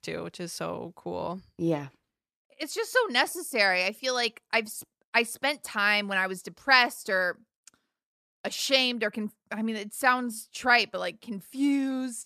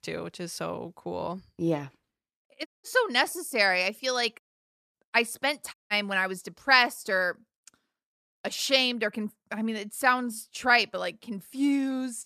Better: first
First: none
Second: audio cutting out; at 2.5 s, at 4.5 s for 0.5 s and at 5.5 s

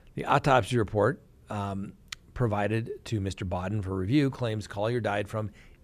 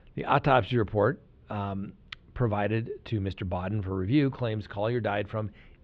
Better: first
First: none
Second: muffled; slightly; fading above 3.5 kHz

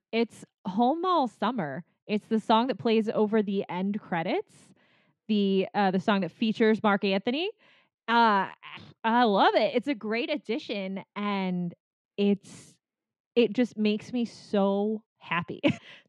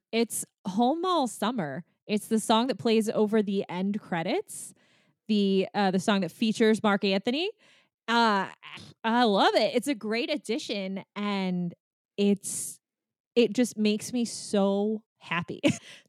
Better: second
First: muffled; slightly; fading above 3 kHz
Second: none

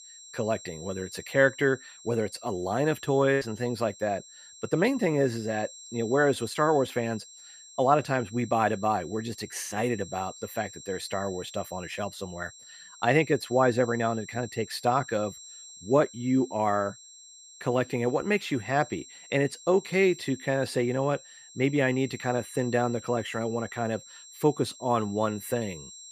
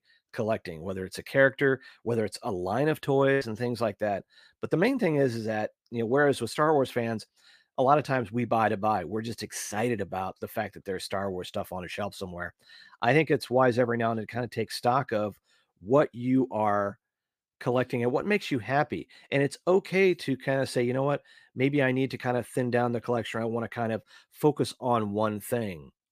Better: second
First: high-pitched whine; noticeable; throughout; 7.5 kHz, 20 dB below the speech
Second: none

